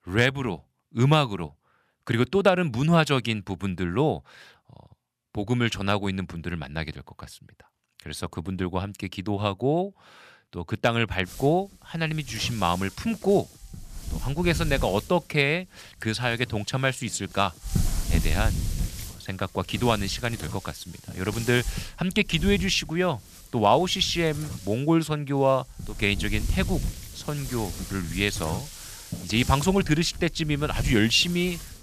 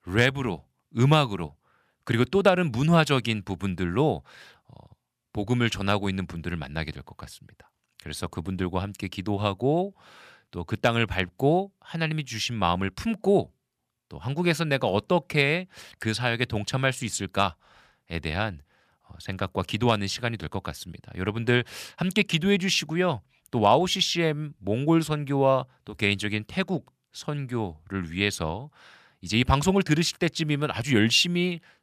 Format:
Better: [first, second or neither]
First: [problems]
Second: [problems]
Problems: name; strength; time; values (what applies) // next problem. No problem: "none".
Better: second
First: wind noise on the microphone; occasional gusts; from 11 s on; 15 dB below the speech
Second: none